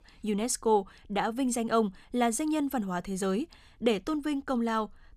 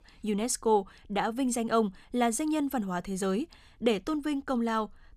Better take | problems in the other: neither | none

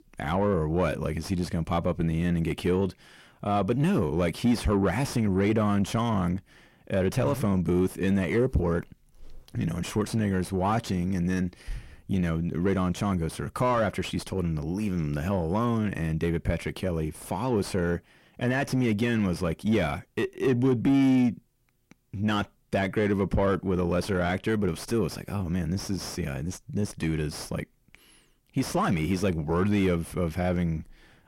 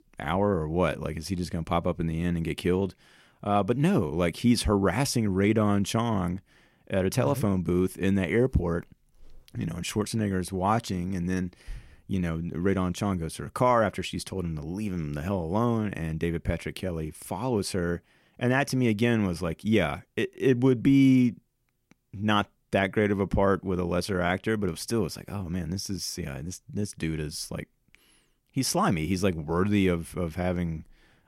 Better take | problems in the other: second | distortion; slight; 9 dB below the speech

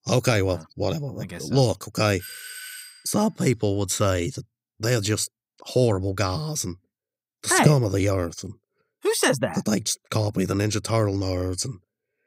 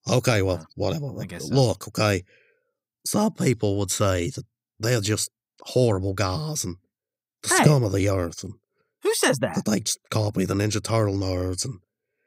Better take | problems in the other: second | doorbell; faint; at 2 s; peak 10 dB below the speech

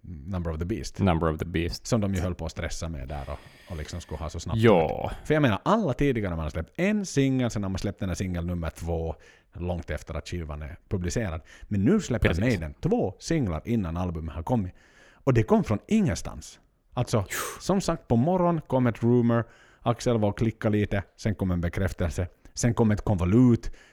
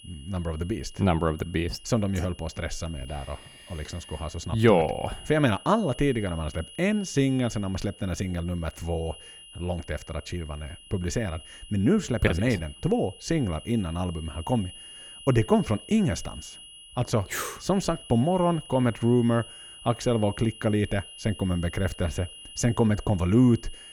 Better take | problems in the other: first | high-pitched whine; noticeable; throughout; 3 kHz, 20 dB below the speech

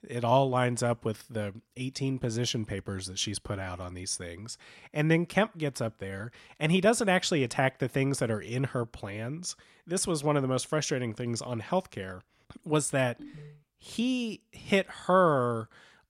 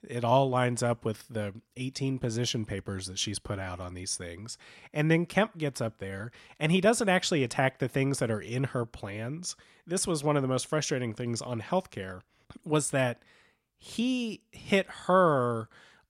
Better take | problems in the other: second | phone ringing; faint; at 13 s; peak 20 dB below the speech

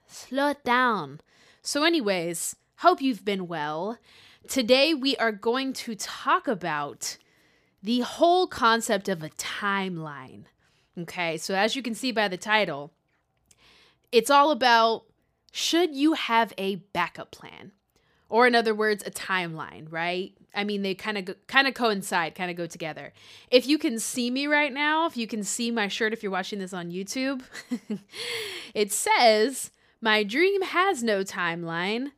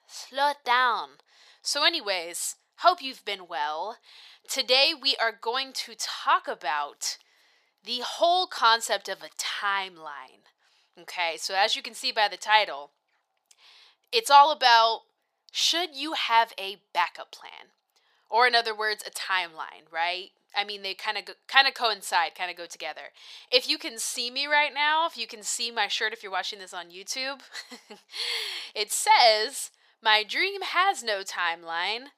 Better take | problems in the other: first | thin; very; fading below 750 Hz

